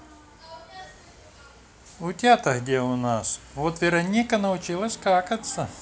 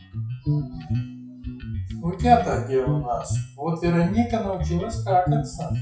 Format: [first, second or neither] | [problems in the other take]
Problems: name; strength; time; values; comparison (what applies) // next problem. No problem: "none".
first | noise reduction (classical method WPE with log-MMSE)